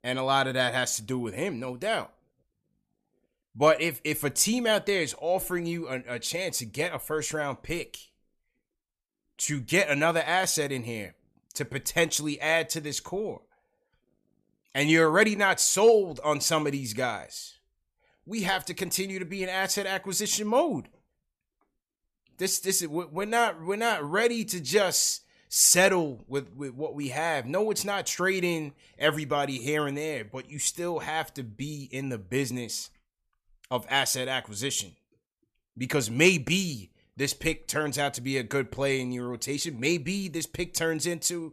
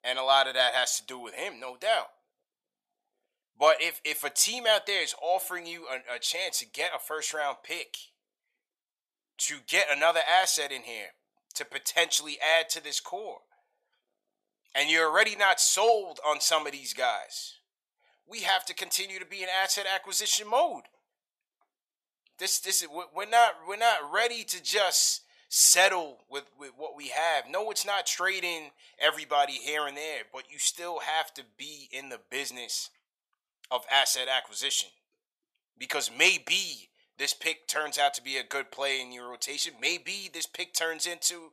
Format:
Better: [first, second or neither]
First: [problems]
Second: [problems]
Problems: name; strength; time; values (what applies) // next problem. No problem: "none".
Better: first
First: none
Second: thin; very; fading below 750 Hz